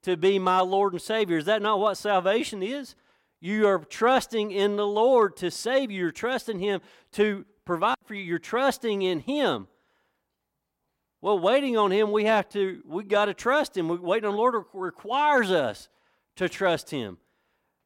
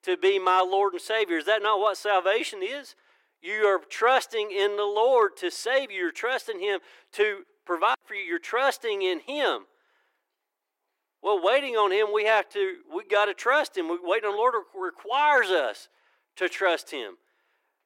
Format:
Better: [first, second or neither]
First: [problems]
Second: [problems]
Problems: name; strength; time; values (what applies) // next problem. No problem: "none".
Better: first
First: none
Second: thin; very; fading below 350 Hz